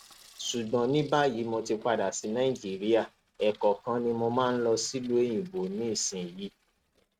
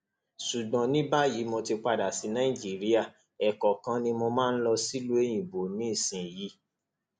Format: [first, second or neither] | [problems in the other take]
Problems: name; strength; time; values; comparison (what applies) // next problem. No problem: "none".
second | noise reduction (neural mask model RNNoise)